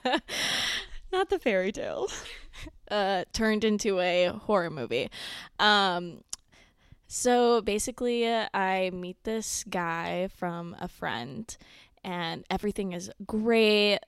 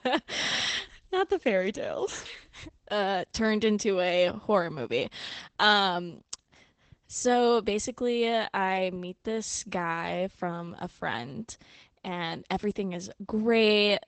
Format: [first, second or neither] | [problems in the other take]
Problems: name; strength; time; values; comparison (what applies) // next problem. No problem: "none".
first | garbled, watery; badly; nothing above 8 kHz